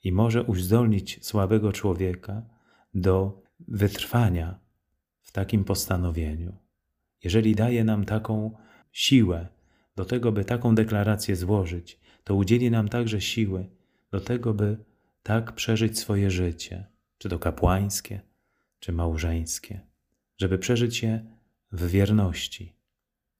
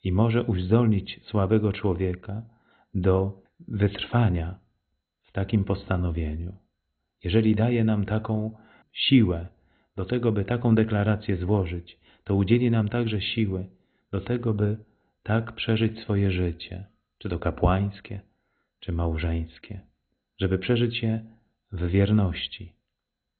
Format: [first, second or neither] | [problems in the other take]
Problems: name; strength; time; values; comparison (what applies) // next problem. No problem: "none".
first | garbled, watery; badly; nothing above 4 kHz